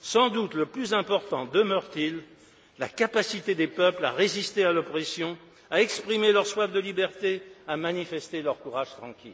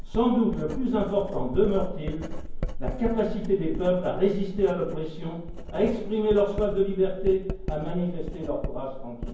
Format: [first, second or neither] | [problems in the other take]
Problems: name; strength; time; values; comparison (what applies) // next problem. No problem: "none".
first | background sound (Writing); 5 dB below the speech // room echo; dies away in 0.9 s